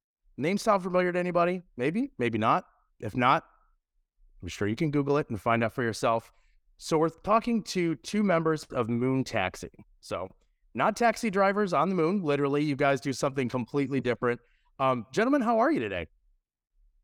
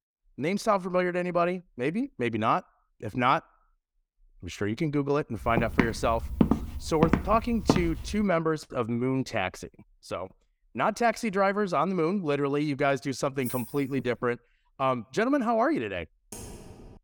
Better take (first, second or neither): first